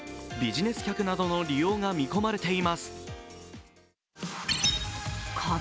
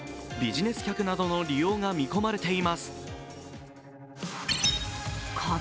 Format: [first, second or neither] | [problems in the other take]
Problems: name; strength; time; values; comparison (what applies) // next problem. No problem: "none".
first | background sound (Bowed string instrument); 18 dB below the speech